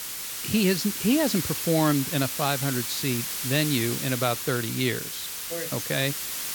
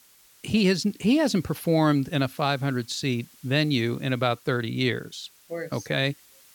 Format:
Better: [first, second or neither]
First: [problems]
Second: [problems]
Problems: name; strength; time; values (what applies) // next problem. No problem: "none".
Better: second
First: hiss; loud; throughout; 3 dB below the speech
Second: hiss; faint; throughout; 25 dB below the speech